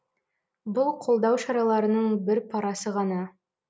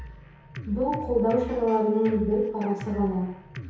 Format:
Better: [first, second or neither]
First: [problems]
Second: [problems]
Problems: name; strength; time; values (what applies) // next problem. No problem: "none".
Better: first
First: none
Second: background sound (Drum kit); 14 dB below the speech // room echo; dies away in 2.2 s